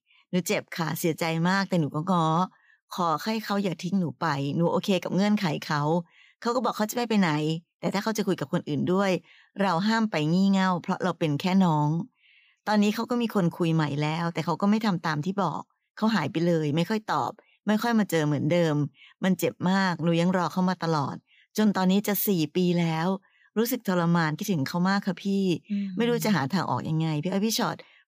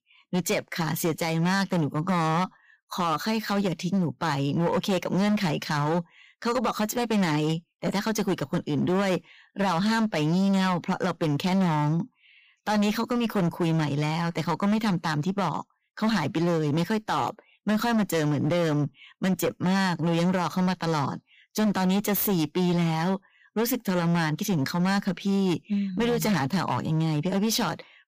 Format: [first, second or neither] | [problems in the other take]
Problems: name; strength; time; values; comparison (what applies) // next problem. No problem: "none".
first | distortion; slight; 17% of the sound clipped